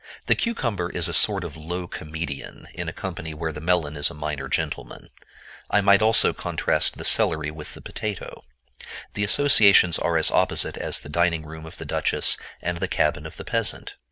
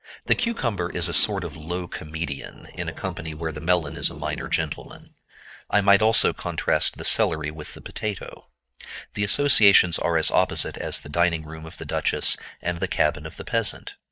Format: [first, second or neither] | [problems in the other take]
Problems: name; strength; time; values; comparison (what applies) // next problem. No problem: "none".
first | noise reduction (neural mask model DeepFilterNet 3)